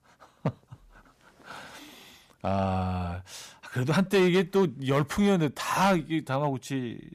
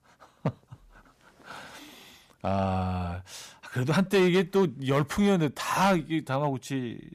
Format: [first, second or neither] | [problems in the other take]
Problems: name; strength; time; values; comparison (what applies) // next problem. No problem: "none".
neither | distortion; slight; 3% of the sound clipped; the same in both